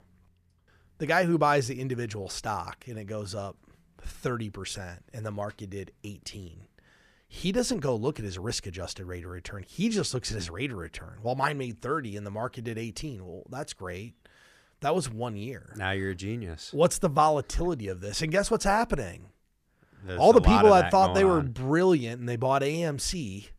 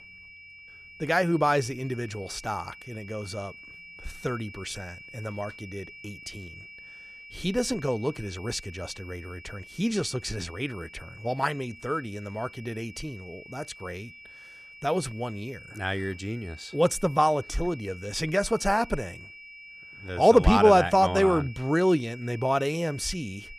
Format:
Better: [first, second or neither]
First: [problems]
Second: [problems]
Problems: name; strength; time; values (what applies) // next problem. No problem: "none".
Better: first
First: none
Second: high-pitched whine; noticeable; throughout; 2.5 kHz, 20 dB below the speech